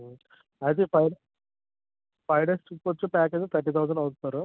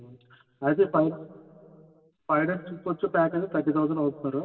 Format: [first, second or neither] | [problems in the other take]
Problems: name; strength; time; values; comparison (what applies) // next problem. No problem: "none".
first | room echo; dies away in 2.3 s